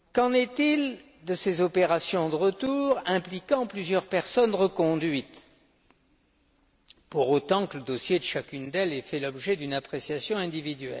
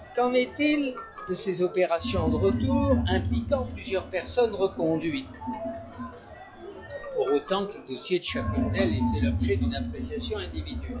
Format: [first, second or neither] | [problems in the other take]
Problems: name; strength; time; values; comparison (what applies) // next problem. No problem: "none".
first | noise reduction (classical method log-MMSE)